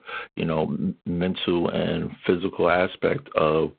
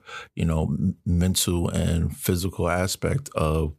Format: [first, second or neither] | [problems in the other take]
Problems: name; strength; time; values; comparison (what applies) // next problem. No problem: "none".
second | phone-call audio; poor line; nothing above 3.5 kHz